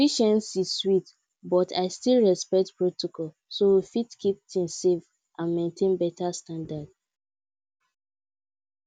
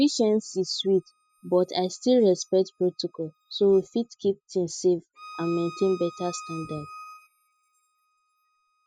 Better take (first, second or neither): first